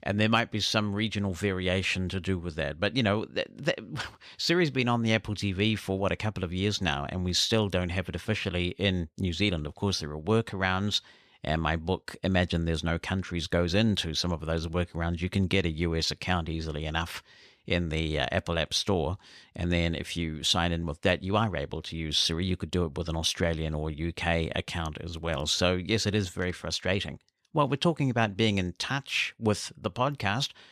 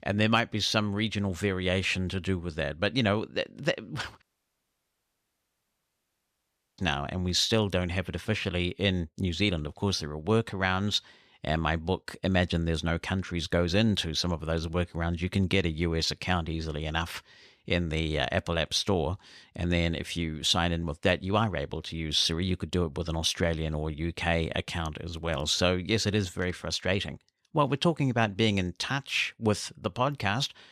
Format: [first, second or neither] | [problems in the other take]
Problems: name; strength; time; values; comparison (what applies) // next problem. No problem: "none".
first | audio cutting out; at 4 s for 2.5 s